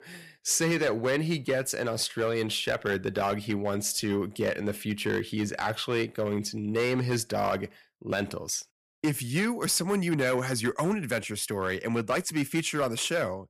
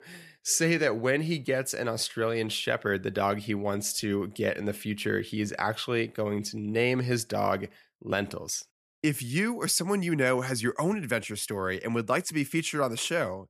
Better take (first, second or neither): second